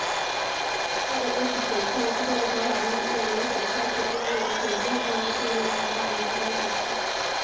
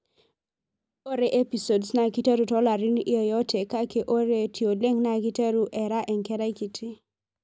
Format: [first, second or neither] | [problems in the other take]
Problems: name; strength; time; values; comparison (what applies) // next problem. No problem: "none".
second | background sound (Domestic sounds, home sounds); 5 dB above the speech // room echo; dies away in 0.7 s